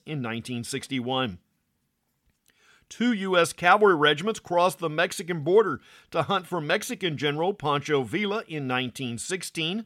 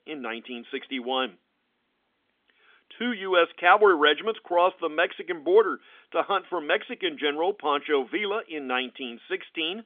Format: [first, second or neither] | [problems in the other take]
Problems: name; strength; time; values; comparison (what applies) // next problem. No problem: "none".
first | phone-call audio; nothing above 3.5 kHz